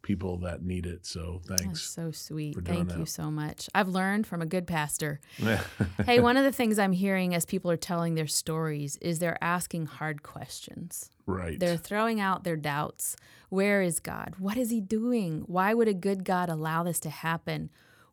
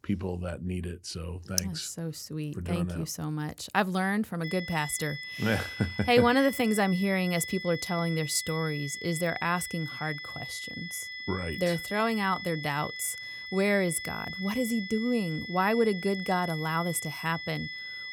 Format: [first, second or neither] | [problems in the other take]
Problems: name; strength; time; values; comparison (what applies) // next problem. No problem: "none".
first | high-pitched whine; loud; from 4.5 s on; 2 kHz, 8 dB below the speech